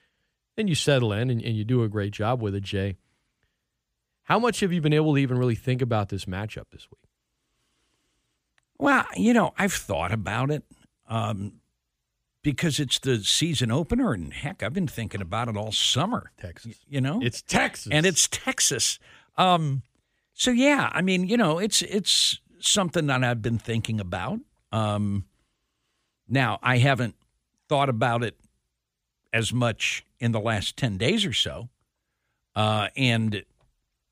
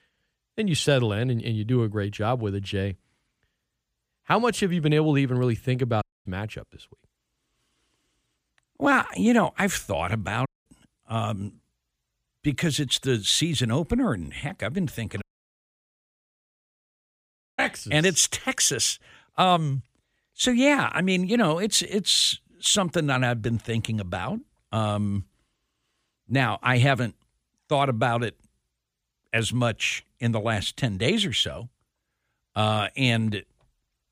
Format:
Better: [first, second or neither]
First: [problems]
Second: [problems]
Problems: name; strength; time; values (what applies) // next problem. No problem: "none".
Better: first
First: none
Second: audio cutting out; at 6 s, at 10 s and at 15 s for 2.5 s